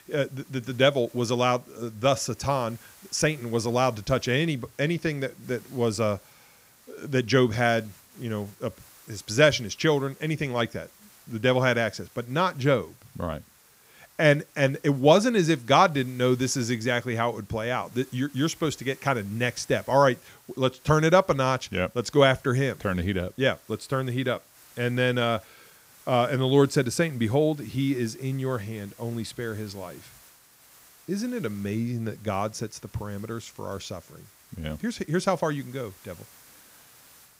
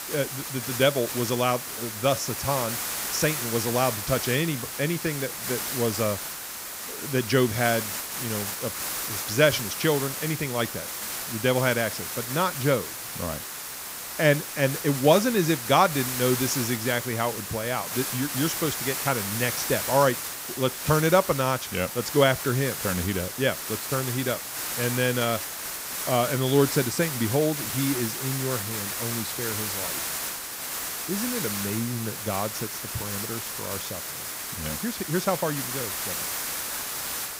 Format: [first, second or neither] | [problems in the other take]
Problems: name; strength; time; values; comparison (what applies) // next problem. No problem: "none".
first | hiss; loud; throughout; 4 dB below the speech; faint in the first